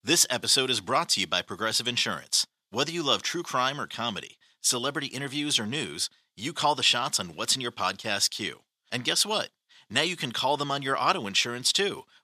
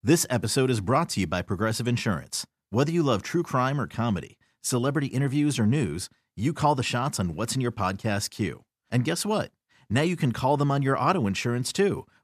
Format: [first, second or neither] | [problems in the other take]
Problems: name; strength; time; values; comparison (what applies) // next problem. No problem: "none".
second | thin; somewhat; fading below 750 Hz